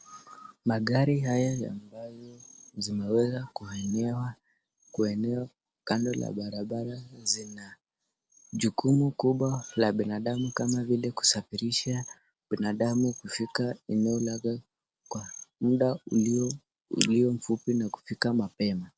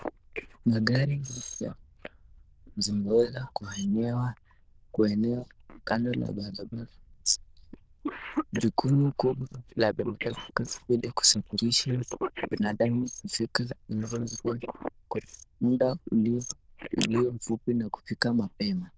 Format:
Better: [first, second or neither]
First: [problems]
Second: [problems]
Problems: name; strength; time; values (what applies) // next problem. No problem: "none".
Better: first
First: none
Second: noise reduction (neural diffusion model UNIVERSE++)